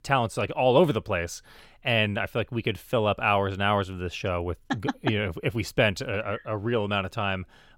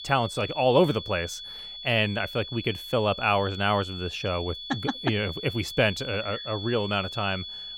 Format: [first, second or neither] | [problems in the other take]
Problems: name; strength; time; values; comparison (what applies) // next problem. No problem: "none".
first | high-pitched whine; loud; throughout; 3.5 kHz, 9 dB below the speech